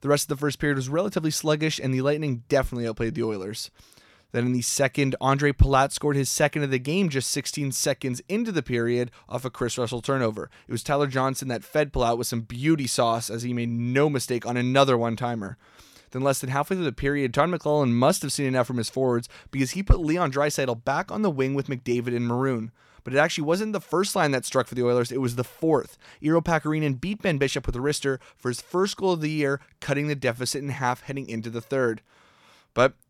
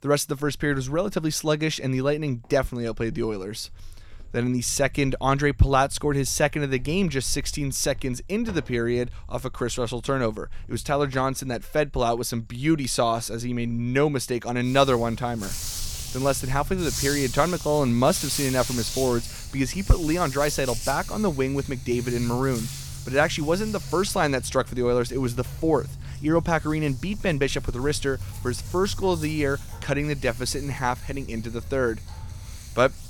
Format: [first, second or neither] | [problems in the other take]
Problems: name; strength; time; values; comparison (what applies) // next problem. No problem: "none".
first | animal sounds; noticeable; throughout; 10 dB below the speech